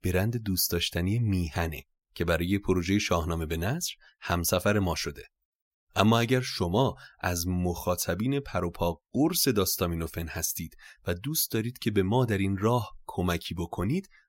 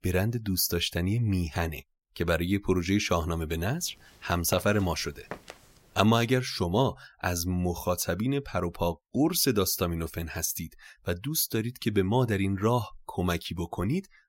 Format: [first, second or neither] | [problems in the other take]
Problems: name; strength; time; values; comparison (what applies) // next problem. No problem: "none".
first | footsteps; faint; at 4.5 s; peak 10 dB below the speech